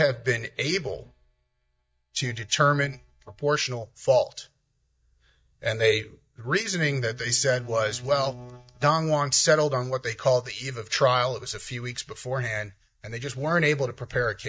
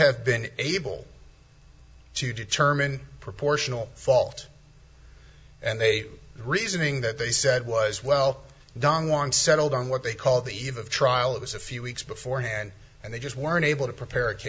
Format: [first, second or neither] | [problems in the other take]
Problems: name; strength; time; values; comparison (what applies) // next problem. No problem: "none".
second | noise reduction (neural mask model DeepFilterNet 3)